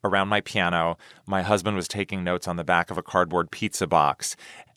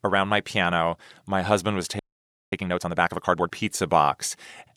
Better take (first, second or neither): first